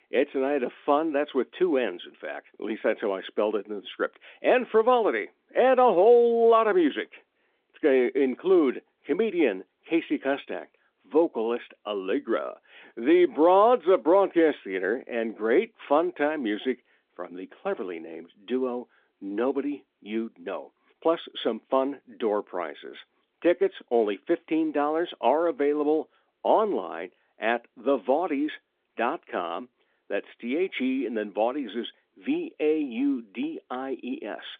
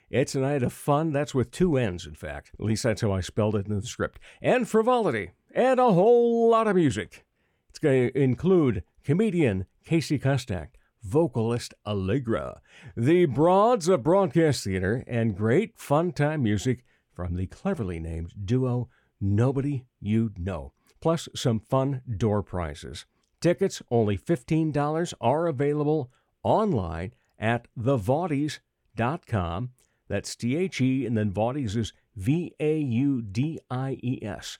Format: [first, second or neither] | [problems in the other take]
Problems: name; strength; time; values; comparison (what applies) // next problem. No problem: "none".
second | phone-call audio; nothing above 3.5 kHz